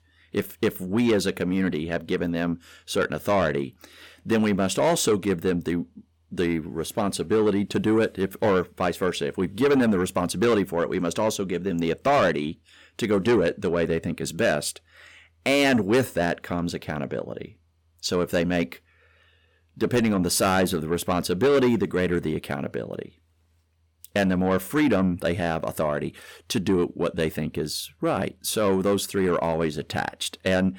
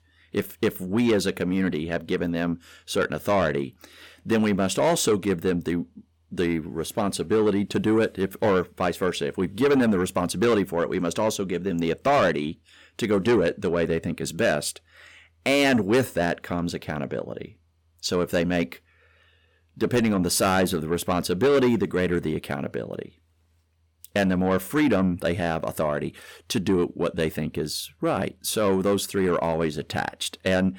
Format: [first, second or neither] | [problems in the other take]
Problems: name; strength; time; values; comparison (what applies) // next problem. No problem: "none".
neither | distortion; slight; 10 dB below the speech; the same in both